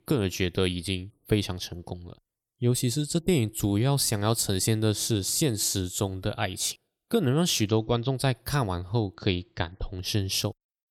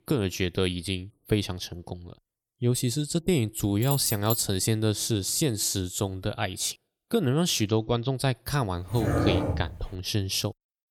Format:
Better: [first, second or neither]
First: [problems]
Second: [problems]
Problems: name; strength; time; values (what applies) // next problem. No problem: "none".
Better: first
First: none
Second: jangling keys; noticeable; at 4 s; peak 4 dB below the speech // dog barking; loud; from 9 to 10 s; peak 2 dB above the speech